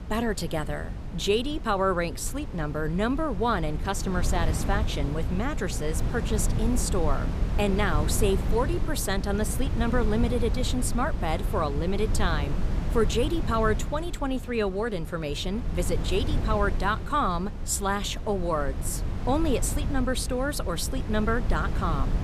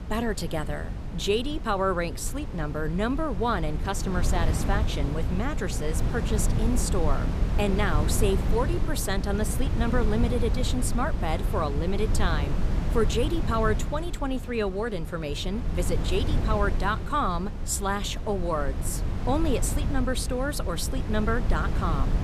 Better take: first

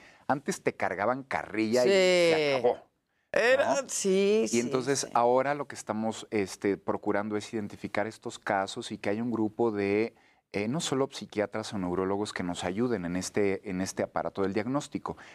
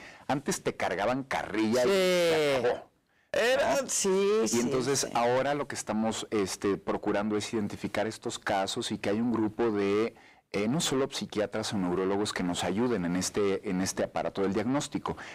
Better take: first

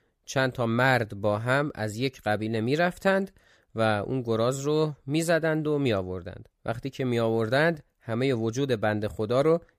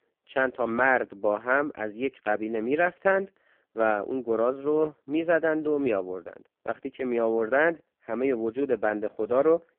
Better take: first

